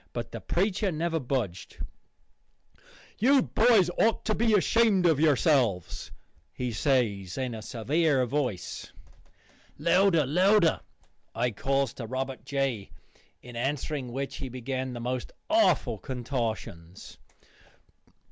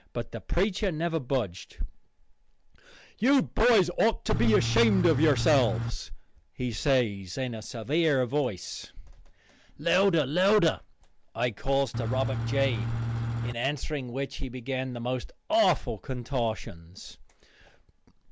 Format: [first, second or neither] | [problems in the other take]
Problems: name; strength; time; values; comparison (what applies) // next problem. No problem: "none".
first | background sound (Engine / Truck); 1 dB below the speech